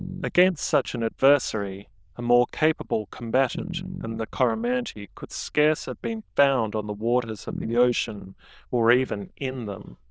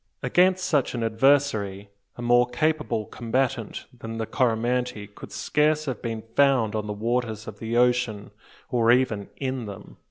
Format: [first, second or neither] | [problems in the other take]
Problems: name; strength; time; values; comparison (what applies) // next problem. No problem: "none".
second | noise reduction (neural diffusion model UNIVERSE++)